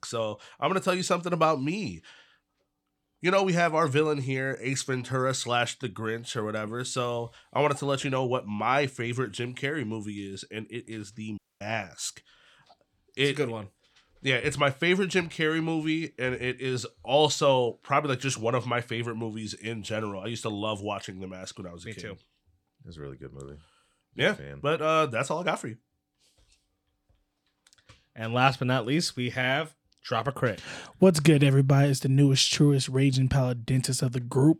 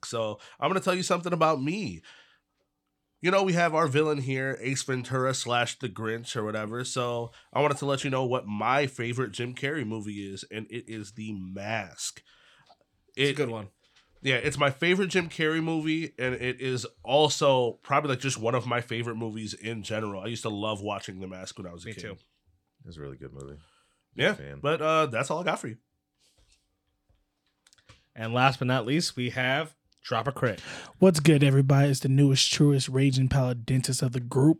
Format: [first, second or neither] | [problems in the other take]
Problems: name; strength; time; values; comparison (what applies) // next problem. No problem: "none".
second | audio cutting out; at 11 s